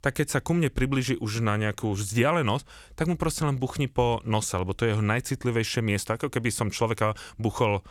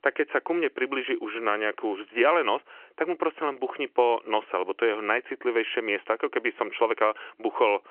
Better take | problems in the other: first | phone-call audio; nothing above 3 kHz

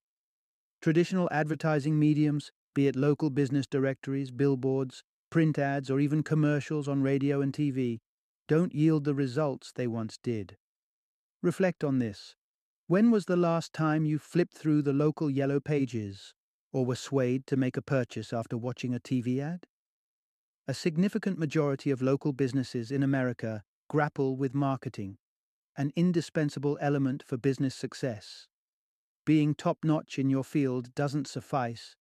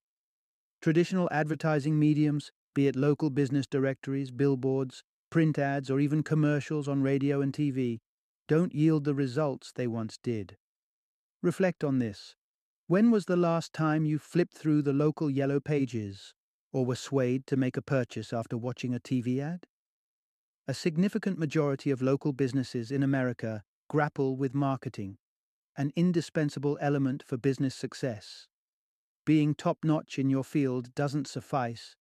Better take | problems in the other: neither | none

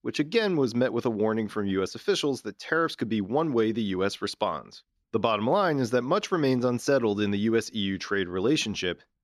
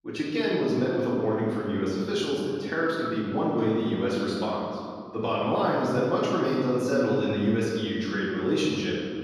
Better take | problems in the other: first | room echo; strong; dies away in 2.2 s // off-mic speech; far

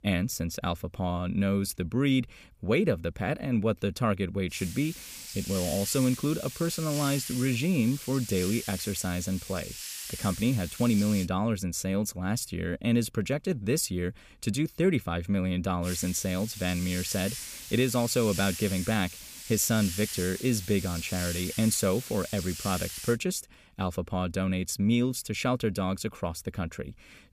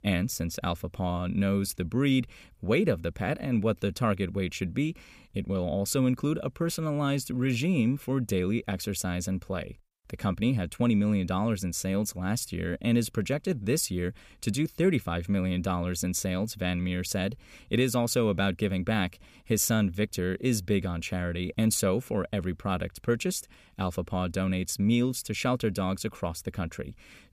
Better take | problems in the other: second | hiss; loud; from 4.5 to 11 s and from 16 to 23 s; 9 dB below the speech

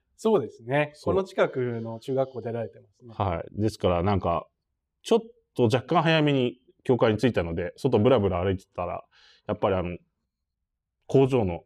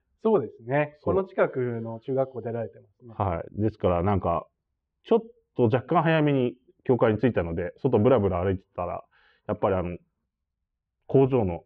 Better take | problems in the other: first | muffled; very; fading above 2 kHz

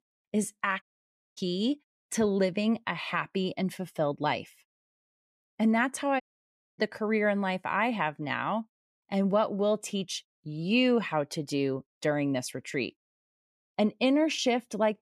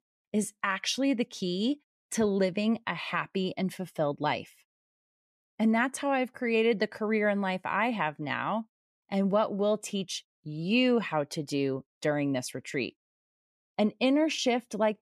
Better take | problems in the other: second | audio cutting out; at 1 s for 0.5 s and at 6 s for 0.5 s

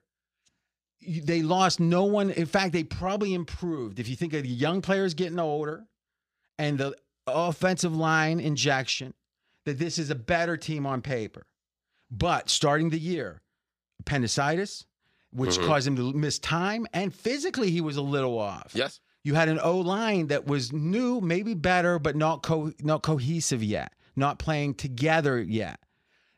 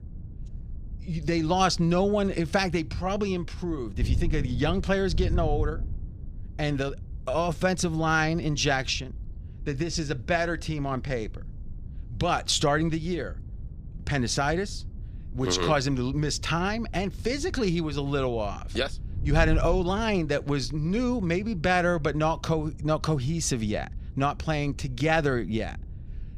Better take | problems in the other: first | wind noise on the microphone; occasional gusts; 25 dB below the speech

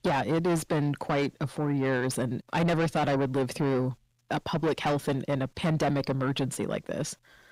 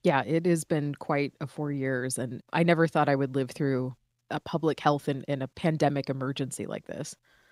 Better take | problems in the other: second | distortion; heavy; 5 dB below the speech

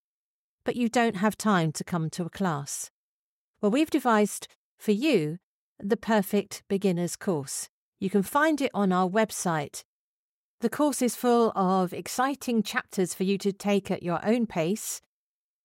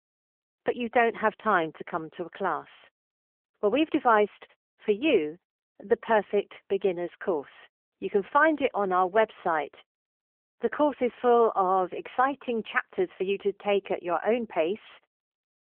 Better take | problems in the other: first | phone-call audio; nothing above 3 kHz

